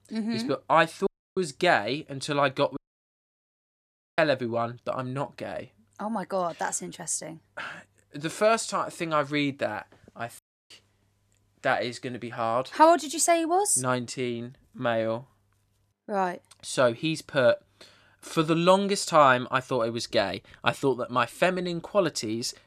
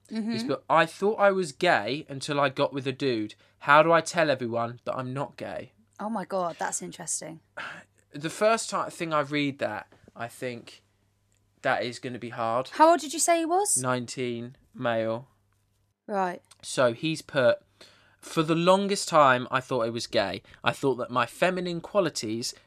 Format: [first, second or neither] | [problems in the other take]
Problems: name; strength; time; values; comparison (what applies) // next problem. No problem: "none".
second | audio cutting out; at 1 s, at 3 s for 1.5 s and at 10 s